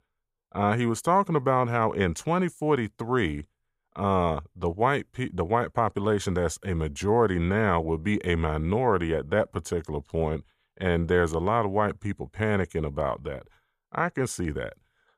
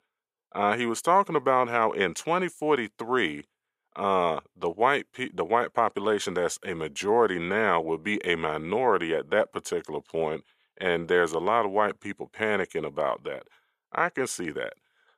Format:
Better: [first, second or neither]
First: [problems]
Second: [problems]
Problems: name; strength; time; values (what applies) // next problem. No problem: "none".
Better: first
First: none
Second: thin; somewhat; fading below 300 Hz